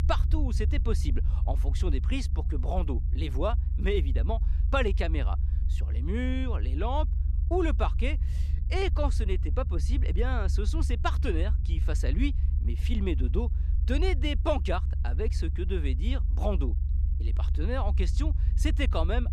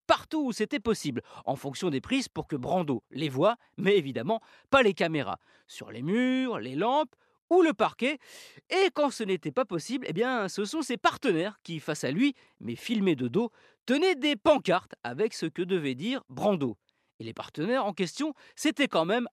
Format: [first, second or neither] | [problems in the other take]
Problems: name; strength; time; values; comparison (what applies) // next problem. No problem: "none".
second | low rumble; noticeable; throughout; 15 dB below the speech